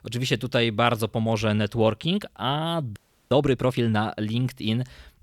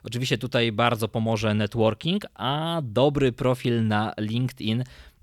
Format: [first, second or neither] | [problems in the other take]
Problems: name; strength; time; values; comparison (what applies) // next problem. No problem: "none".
second | audio freezing; at 3 s